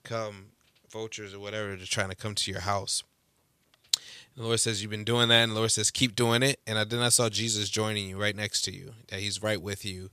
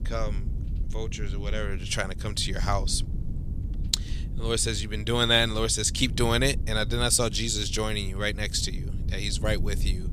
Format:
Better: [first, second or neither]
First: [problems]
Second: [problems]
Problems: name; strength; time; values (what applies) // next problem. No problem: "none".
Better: first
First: none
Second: low rumble; faint; throughout; 20 dB below the speech